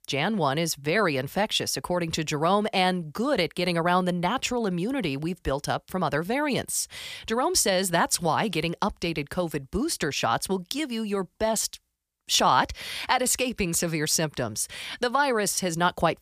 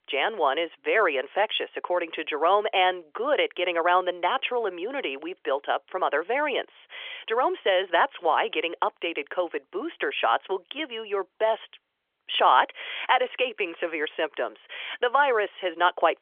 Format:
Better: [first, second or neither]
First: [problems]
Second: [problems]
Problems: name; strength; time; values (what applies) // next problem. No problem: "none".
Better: first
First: none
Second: phone-call audio; nothing above 3.5 kHz